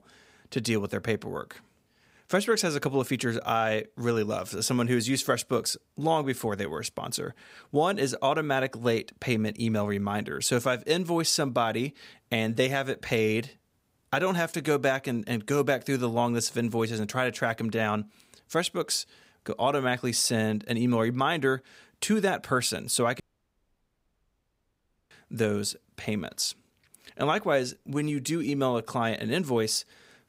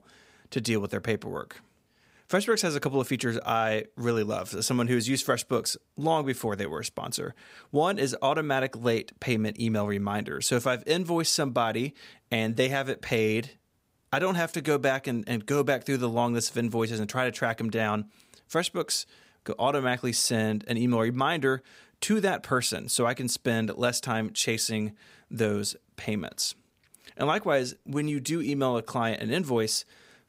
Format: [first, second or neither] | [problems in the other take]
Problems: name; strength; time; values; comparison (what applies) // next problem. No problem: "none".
second | audio cutting out; at 23 s for 2 s